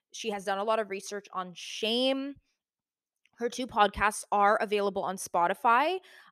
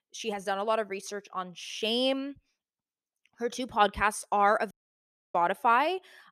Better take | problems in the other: first | audio cutting out; at 4.5 s for 0.5 s

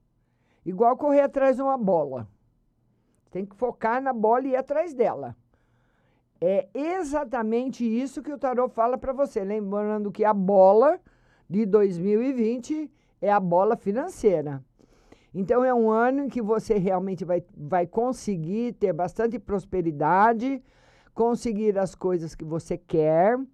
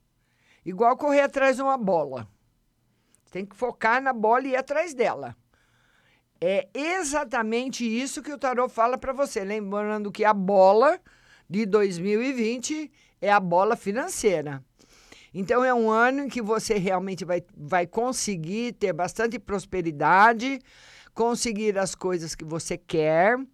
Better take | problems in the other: second | muffled; slightly; fading above 1.5 kHz

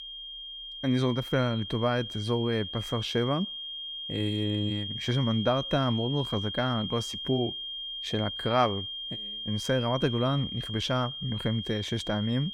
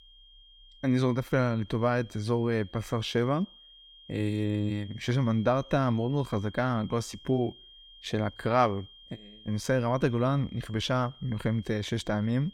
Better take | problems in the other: second | high-pitched whine; loud; throughout; 3 kHz, 6 dB below the speech; faint in the second

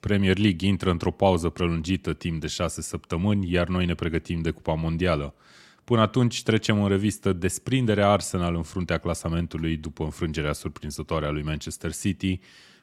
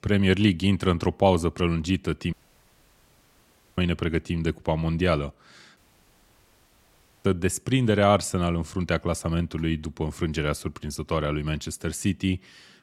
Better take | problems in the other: first | audio cutting out; at 2.5 s for 1.5 s and at 6 s for 1.5 s

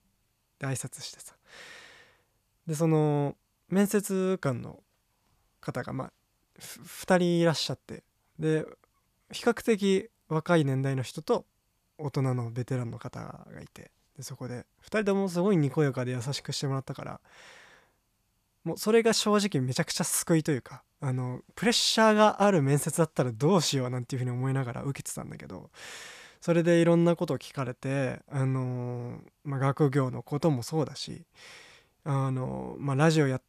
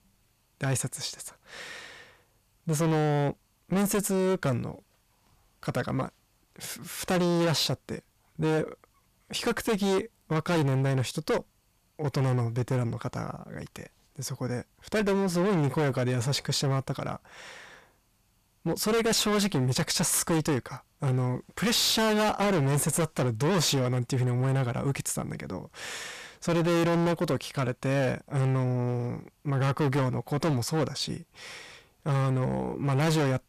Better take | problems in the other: first | distortion; heavy; 18% of the sound clipped

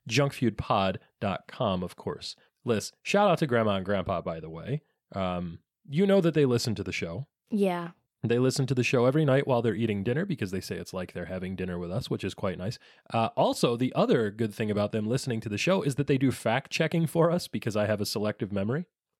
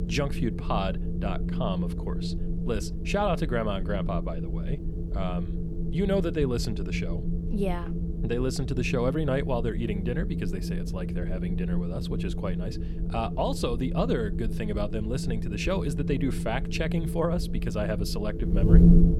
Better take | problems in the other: first | wind noise on the microphone; heavy; 6 dB below the speech

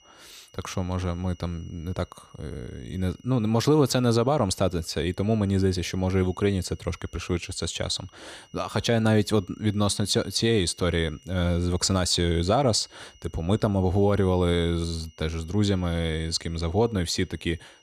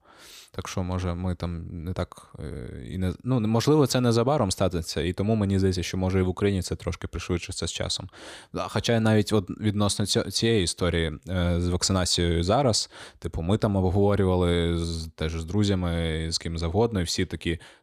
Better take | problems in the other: second | high-pitched whine; faint; throughout; 3 kHz, 30 dB below the speech

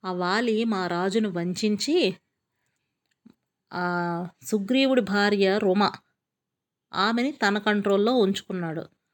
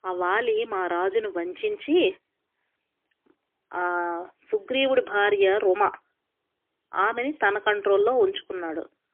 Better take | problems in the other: first | phone-call audio; poor line; nothing above 3.5 kHz

